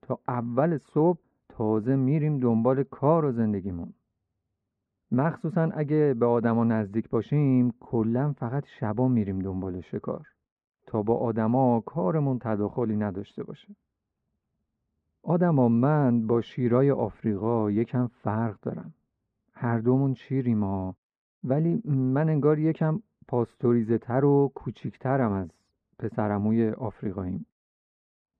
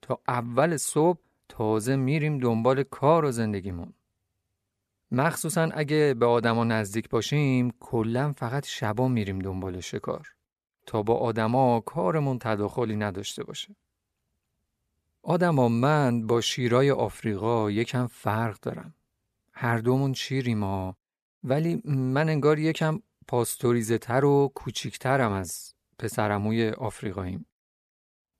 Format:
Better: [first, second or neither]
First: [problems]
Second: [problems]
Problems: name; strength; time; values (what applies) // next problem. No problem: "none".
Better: second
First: muffled; very; fading above 1 kHz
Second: none